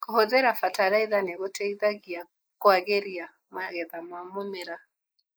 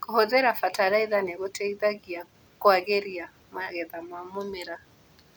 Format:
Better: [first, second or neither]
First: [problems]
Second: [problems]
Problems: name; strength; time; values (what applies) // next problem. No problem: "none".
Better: second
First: noise reduction (neural mask model Resemble Enhance denoiser)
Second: none